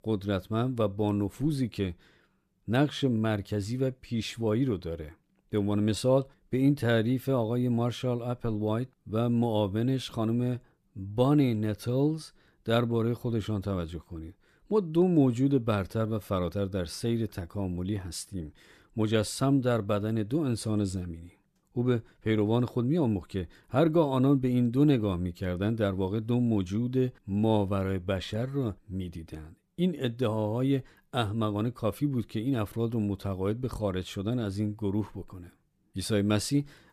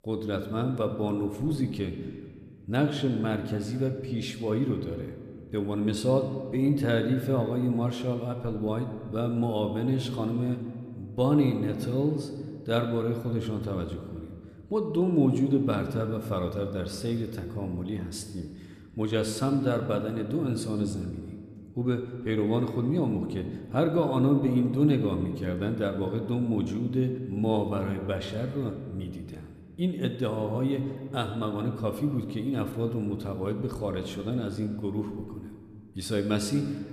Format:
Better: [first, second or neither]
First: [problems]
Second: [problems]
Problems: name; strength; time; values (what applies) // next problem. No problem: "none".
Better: first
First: none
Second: room echo; slight; dies away in 1.6 s